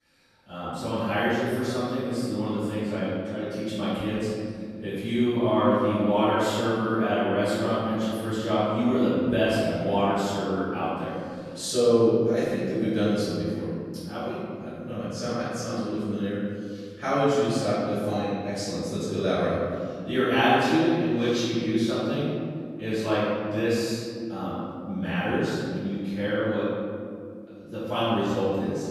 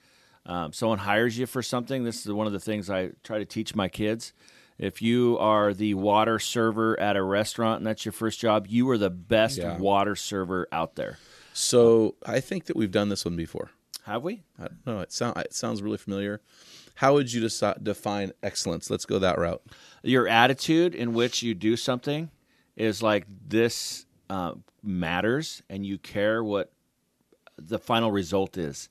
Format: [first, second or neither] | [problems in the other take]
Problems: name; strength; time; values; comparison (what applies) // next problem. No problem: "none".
second | room echo; strong; dies away in 2.3 s // off-mic speech; far